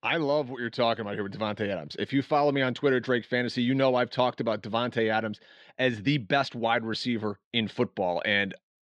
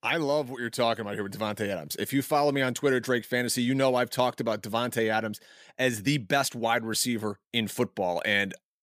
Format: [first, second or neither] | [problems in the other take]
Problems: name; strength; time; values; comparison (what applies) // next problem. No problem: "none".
second | muffled; very slightly; fading above 4 kHz